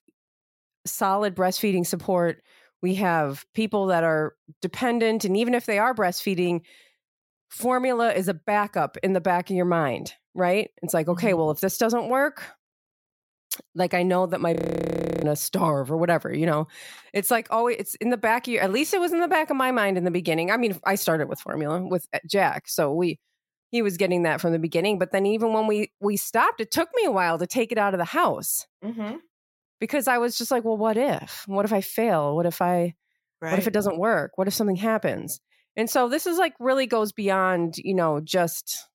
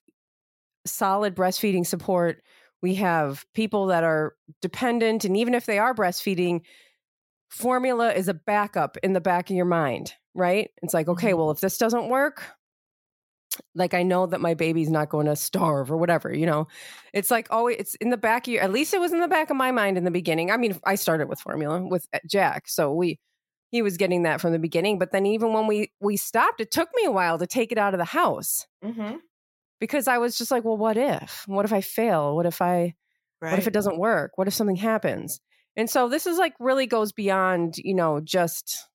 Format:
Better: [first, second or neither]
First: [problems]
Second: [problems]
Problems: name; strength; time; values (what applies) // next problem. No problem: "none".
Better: second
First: audio freezing; at 15 s for 0.5 s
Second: none